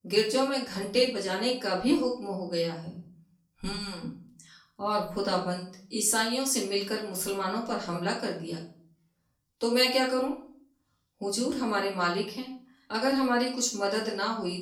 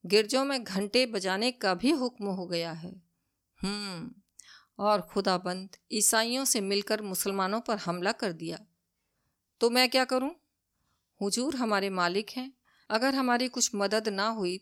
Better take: second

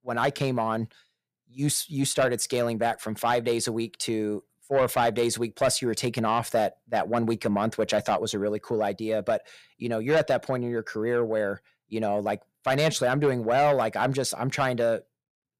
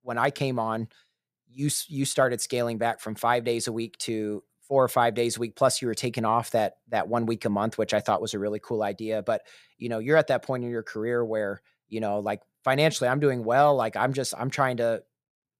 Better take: second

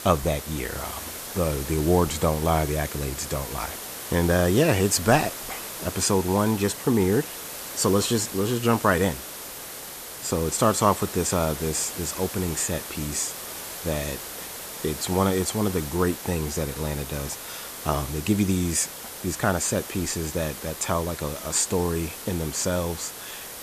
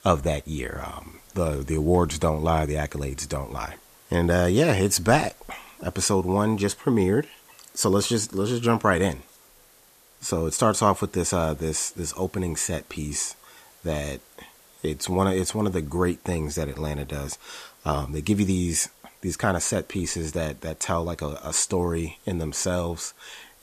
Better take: second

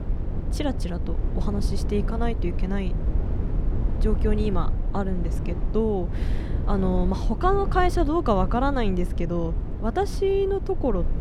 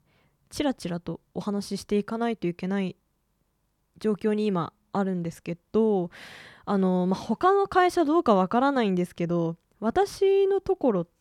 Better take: second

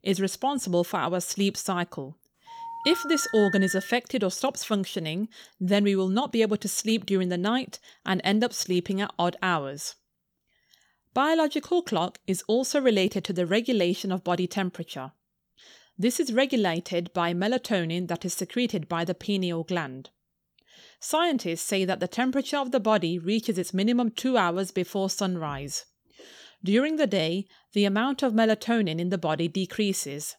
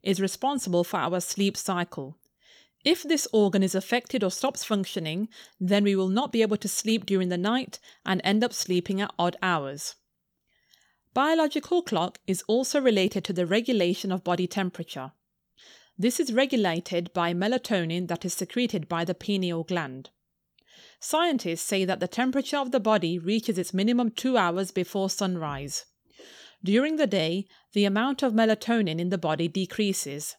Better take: second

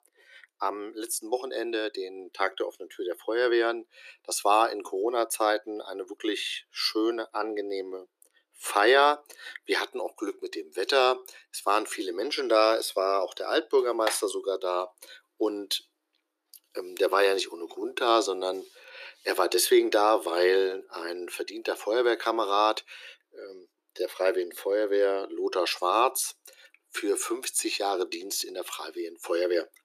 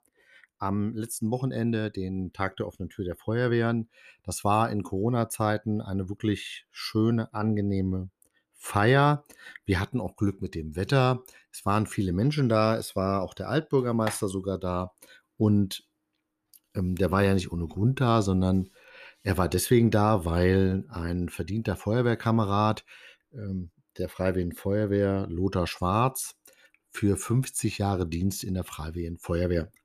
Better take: second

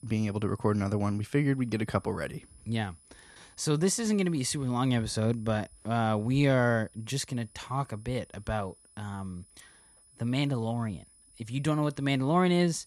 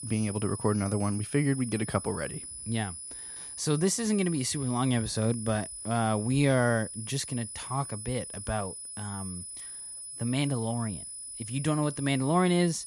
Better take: first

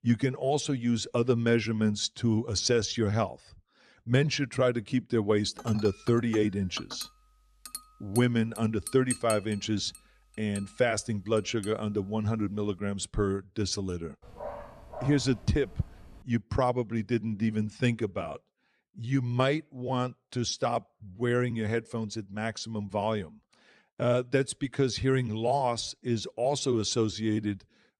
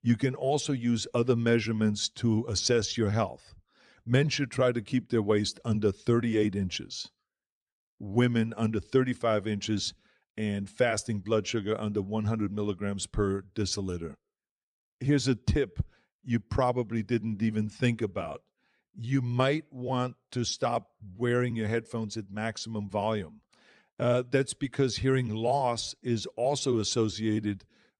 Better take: second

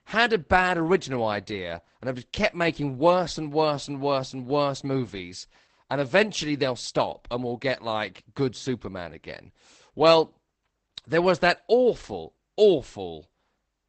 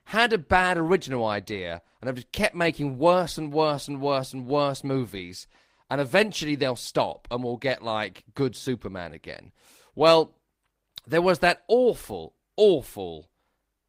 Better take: second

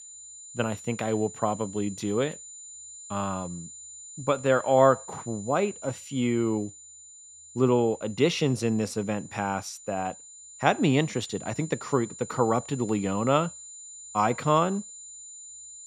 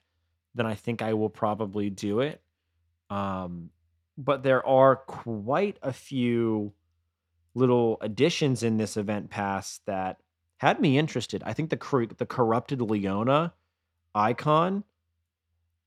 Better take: second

